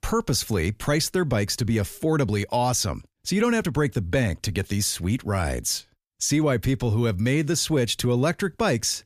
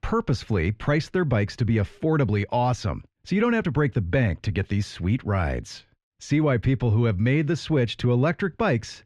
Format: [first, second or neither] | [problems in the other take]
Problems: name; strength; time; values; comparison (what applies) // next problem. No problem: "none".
first | muffled; slightly; fading above 2.5 kHz